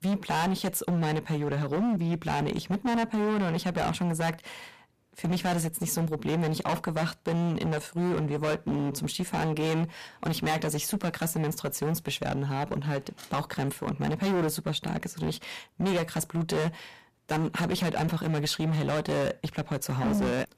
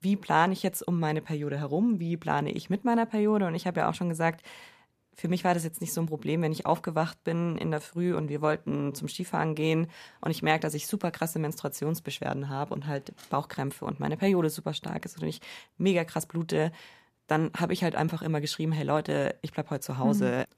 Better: second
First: distortion; heavy; 19% of the sound clipped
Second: none

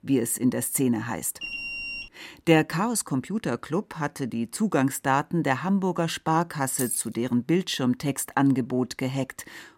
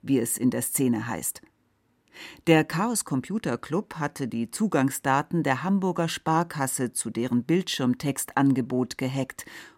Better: second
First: alarm; noticeable; at 1.5 s; peak 5 dB below the speech // jangling keys; noticeable; at 7 s; peak 4 dB below the speech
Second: none

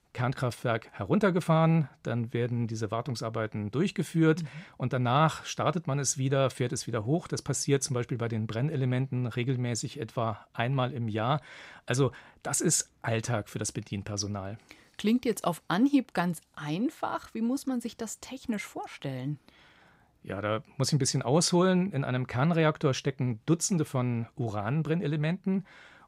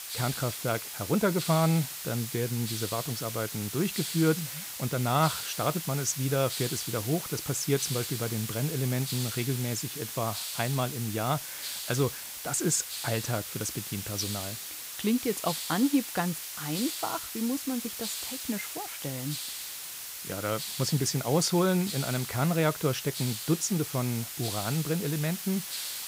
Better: first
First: none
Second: hiss; loud; throughout; 5 dB below the speech

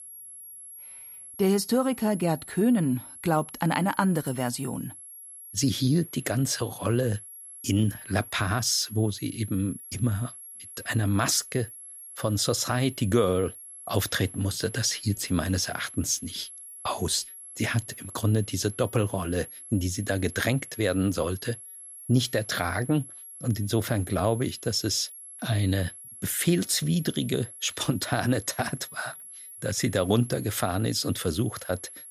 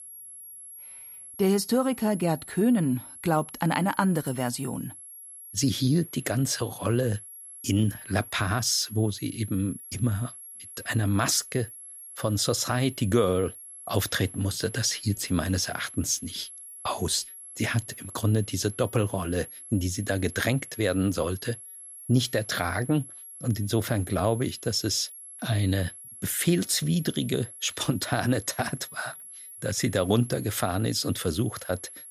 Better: neither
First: high-pitched whine; noticeable; throughout; 11.5 kHz, 15 dB below the speech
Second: high-pitched whine; noticeable; throughout; 11.5 kHz, 15 dB below the speech

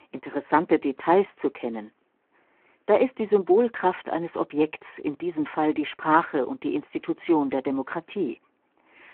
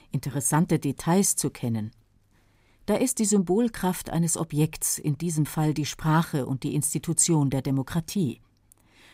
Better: second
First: phone-call audio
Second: none

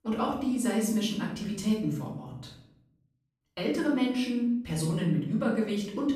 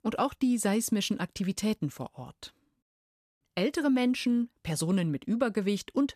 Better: second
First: off-mic speech; far // room echo; noticeable; dies away in 0.7 s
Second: none

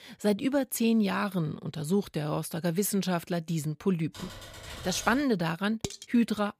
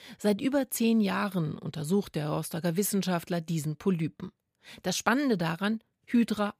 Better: second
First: keyboard typing; faint; from 4 to 5 s; peak 10 dB below the speech // clattering dishes; noticeable; at 6 s; peak 9 dB below the speech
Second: none

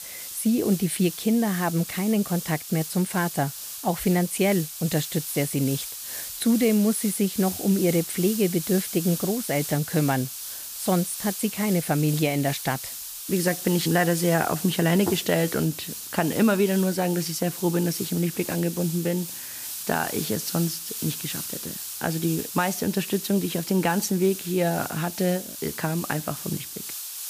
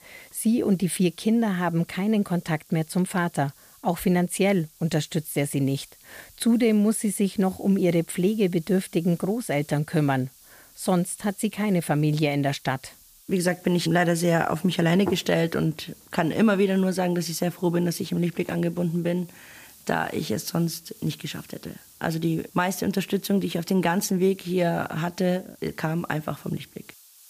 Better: second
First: hiss; loud; throughout; 7 dB below the speech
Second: hiss; faint; throughout; 25 dB below the speech

